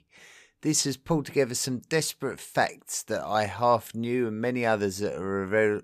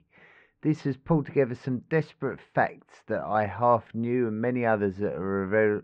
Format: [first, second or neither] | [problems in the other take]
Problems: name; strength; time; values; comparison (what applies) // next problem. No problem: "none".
first | muffled; very; fading above 2 kHz